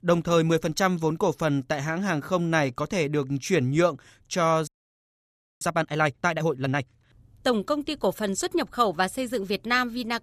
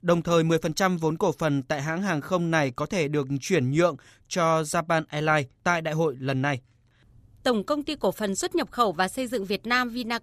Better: second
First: audio freezing; at 4.5 s for 1 s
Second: none

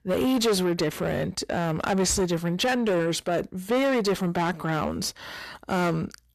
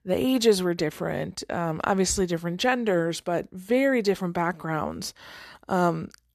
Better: second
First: distortion; heavy; 8 dB below the speech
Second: none

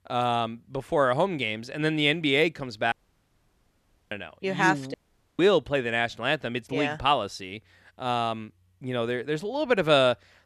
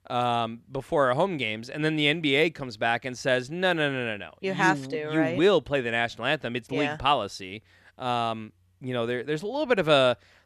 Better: second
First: audio cutting out; at 3 s for 1 s and at 5 s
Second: none

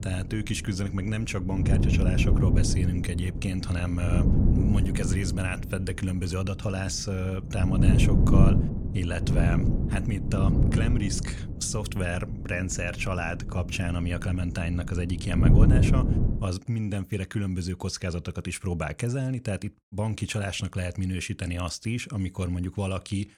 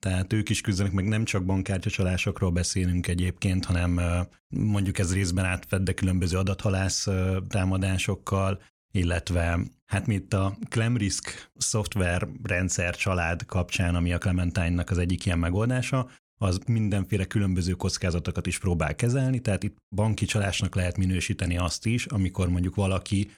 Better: second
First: wind noise on the microphone; heavy; until 16 s; 2 dB below the speech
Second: none

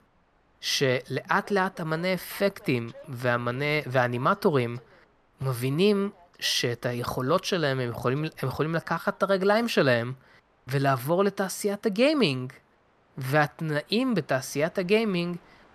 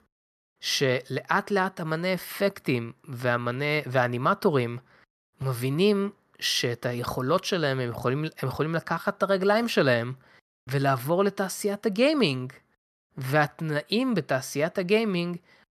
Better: second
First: train or aircraft noise; faint; throughout; 30 dB below the speech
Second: none

